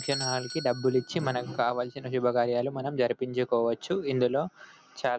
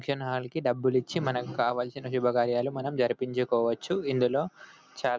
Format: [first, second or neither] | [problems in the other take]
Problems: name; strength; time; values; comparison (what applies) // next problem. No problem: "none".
second | background sound (Bell / Doorbell); 16 dB below the speech